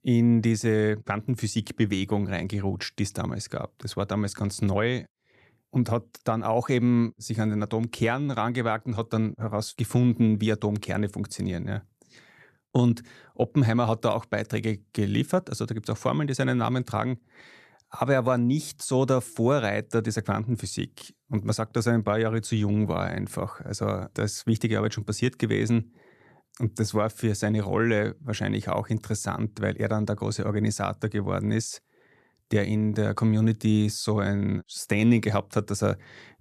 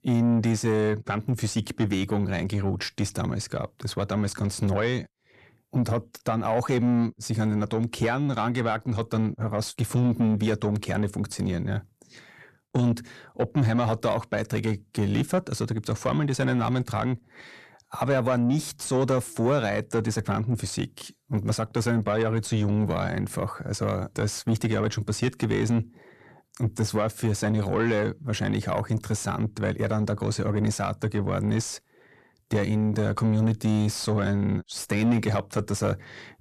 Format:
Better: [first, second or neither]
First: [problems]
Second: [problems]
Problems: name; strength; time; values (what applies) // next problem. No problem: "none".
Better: first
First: none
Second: distortion; slight; 10 dB below the speech